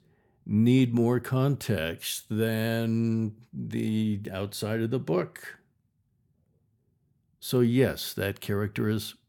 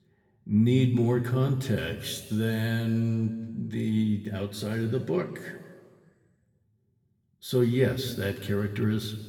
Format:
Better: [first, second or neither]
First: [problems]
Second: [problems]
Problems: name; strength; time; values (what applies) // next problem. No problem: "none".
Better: first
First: none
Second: room echo; slight; dies away in 1.5 s // off-mic speech; somewhat distant